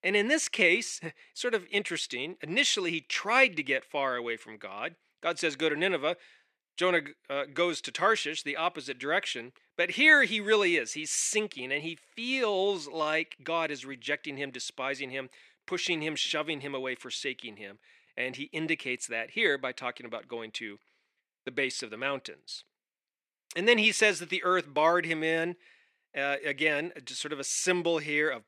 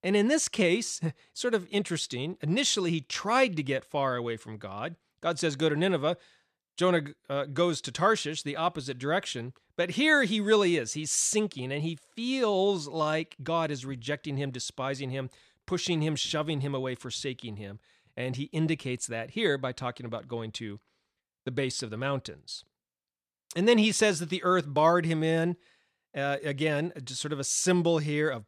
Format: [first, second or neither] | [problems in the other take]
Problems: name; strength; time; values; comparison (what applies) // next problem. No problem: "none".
second | thin; somewhat; fading below 300 Hz